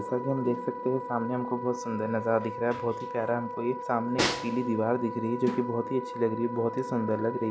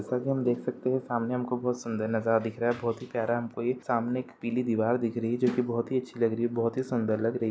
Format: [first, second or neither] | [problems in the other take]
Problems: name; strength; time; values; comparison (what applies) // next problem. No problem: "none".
second | background sound (Wind instrument, woodwind instrument + Snare drum); 6 dB below the speech